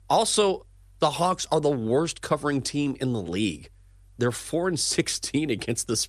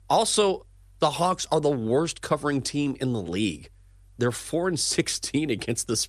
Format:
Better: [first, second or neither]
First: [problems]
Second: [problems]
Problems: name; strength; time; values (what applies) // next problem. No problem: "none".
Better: neither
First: none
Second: none